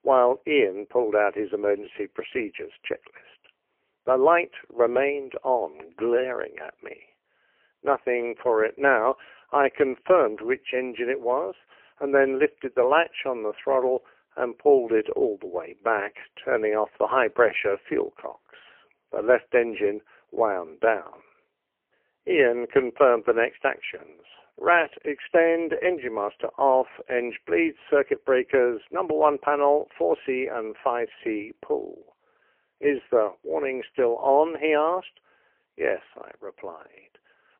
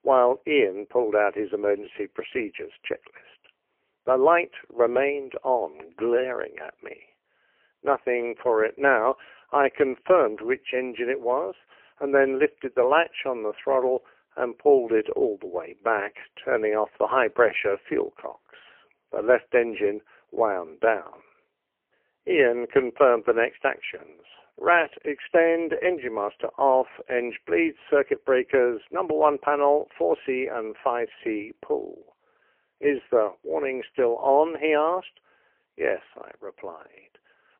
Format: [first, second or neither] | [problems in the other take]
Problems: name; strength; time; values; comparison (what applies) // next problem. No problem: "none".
neither | phone-call audio; poor line; nothing above 3 kHz; the same in both